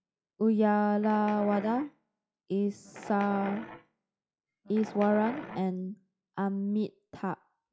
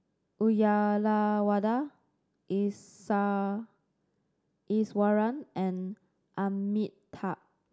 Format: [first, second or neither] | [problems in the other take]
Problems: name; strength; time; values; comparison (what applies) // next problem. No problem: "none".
second | noise reduction (classical method log-MMSE)